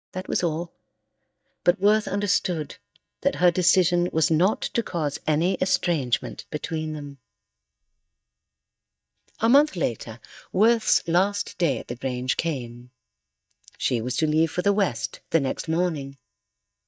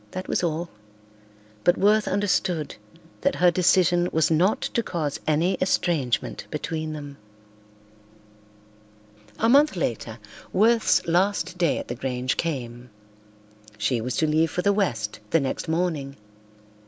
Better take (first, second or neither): second